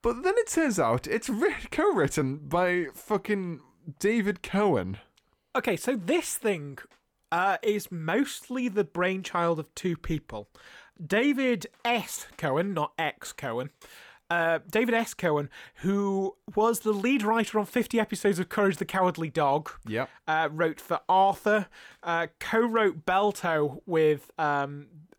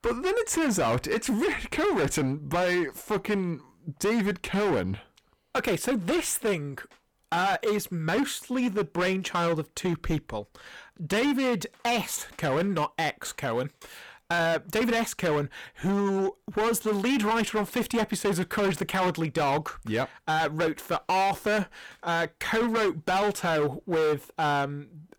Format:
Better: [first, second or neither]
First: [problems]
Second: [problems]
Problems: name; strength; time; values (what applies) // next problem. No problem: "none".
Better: first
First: none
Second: distortion; heavy; 17% of the sound clipped